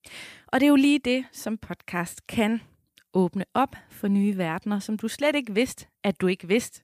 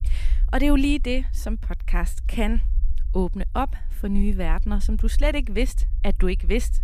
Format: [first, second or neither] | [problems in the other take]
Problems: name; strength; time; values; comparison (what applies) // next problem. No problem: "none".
first | low rumble; faint; throughout; 25 dB below the speech